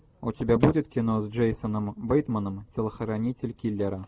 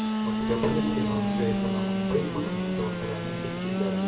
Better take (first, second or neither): first